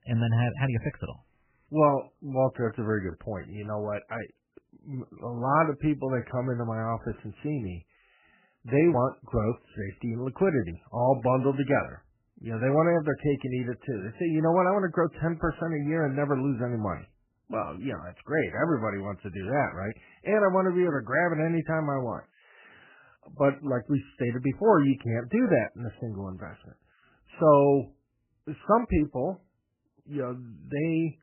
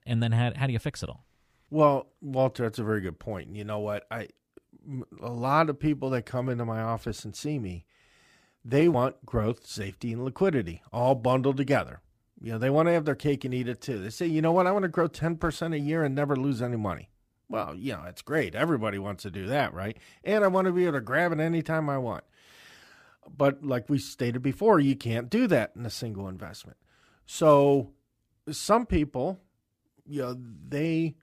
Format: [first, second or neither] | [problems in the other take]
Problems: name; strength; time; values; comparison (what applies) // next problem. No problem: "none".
second | garbled, watery; badly; nothing above 3 kHz